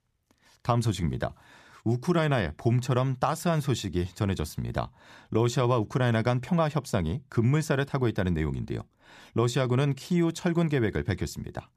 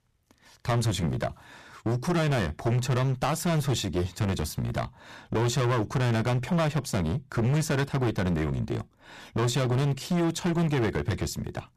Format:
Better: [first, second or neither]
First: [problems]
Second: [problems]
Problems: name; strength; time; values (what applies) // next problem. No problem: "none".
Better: first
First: none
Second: distortion; heavy; 19% of the sound clipped